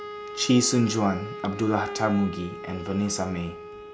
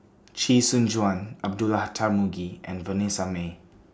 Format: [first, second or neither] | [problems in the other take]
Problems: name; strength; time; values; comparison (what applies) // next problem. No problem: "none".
second | background sound (Wind instrument, woodwind instrument); 11 dB below the speech